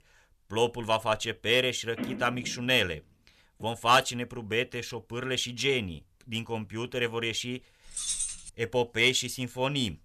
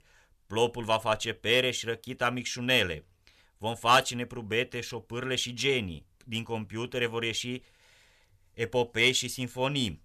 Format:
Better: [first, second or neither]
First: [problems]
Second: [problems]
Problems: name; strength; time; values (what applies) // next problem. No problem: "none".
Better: second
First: phone ringing; noticeable; from 2 to 3.5 s; peak 9 dB below the speech // jangling keys; noticeable; at 8 s; peak 1 dB below the speech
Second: none